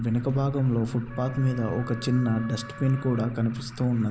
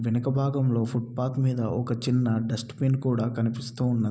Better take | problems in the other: second | background sound (Alarm + Wind instrument, woodwind instrument); 18 dB below the speech

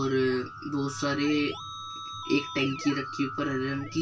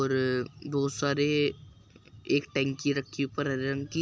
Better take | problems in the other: second | background sound (Keyboard (musical)); 11 dB below the speech // room echo; dies away in 0.2 s

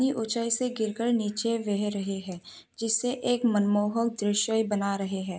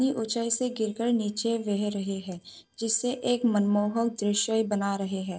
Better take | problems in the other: first | noise reduction (neural separator model SepFormer DNS4)

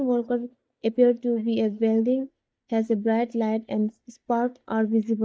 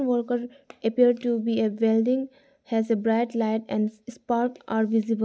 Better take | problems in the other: second | noise reduction (neural mask model DeepFilterNet 3)

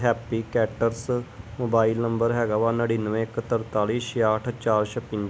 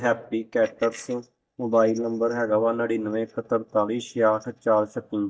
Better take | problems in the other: first | noise reduction (neural mask model DeepFilterNet 3)

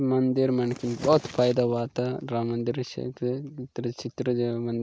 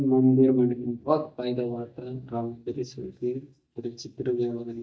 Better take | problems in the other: first | noise reduction (neural mask model DeepFilterNet 3)

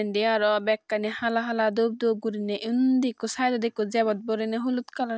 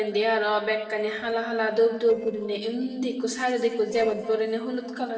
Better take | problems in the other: first | noise reduction (neural separator model SepFormer DNS4)

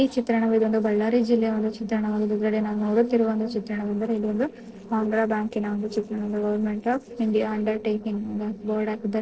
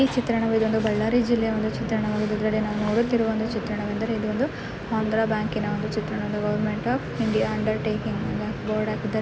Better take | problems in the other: second | noise reduction (neural separator model SepFormer DNS4)

